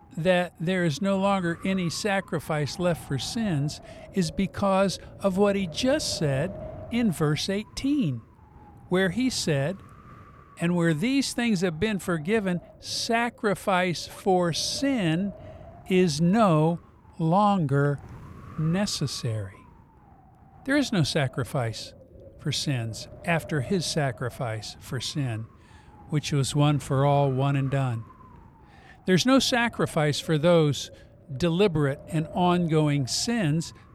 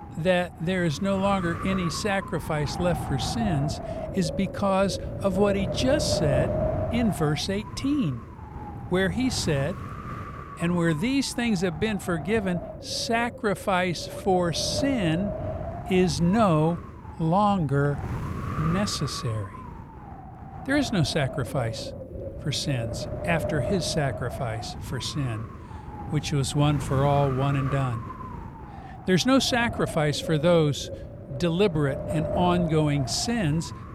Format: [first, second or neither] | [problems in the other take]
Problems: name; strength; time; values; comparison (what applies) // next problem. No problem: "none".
first | wind noise on the microphone; heavy; 8 dB below the speech; occasional gusts in the first